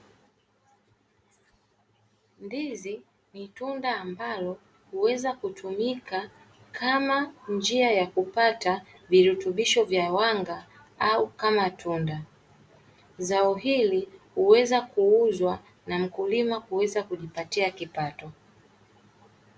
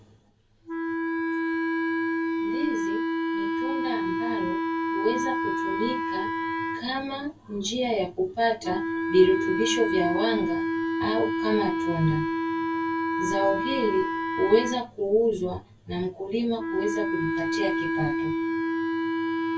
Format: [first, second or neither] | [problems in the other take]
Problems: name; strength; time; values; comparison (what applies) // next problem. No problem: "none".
first | background sound (Wind instrument, woodwind instrument); 1 dB above the speech // room echo; dies away in 0.1 s